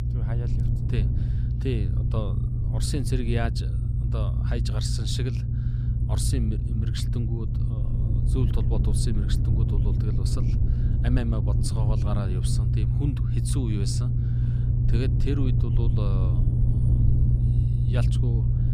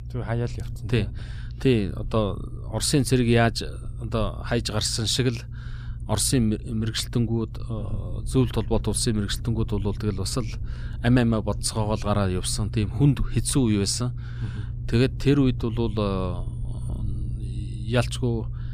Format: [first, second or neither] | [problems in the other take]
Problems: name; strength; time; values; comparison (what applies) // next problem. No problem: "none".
second | low rumble; loud; throughout; 1 dB below the speech; faint in the second